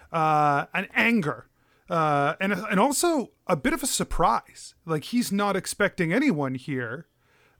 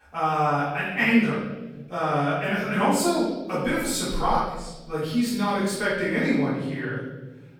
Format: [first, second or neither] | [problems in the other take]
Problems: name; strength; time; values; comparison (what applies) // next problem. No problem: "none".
first | off-mic speech; far // room echo; strong; dies away in 1.1 s